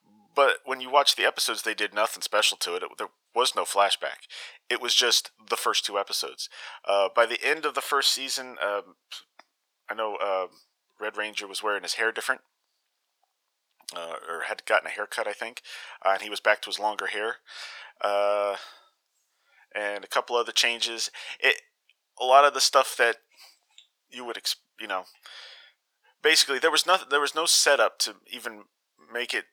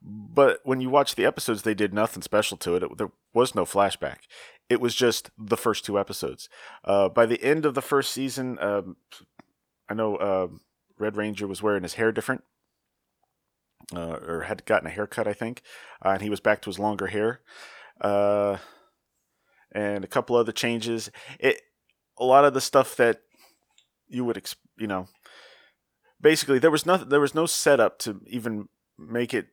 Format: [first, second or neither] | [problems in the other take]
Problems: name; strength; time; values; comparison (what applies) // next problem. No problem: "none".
second | thin; very; fading below 750 Hz